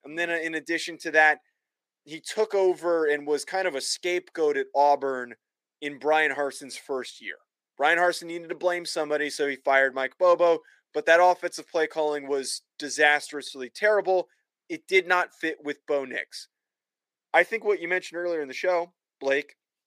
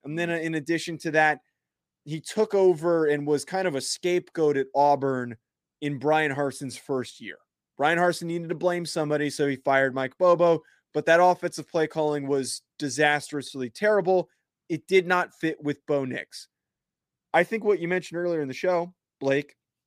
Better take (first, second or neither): second